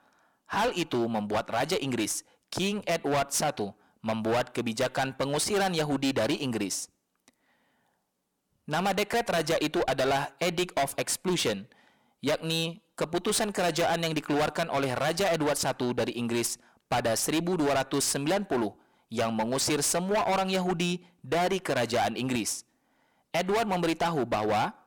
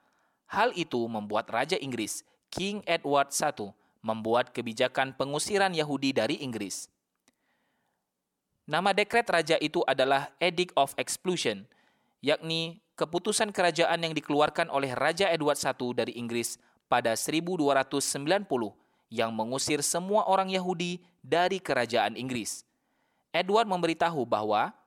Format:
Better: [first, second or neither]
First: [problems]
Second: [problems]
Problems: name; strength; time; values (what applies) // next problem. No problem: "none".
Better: second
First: distortion; heavy; 17% of the sound clipped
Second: none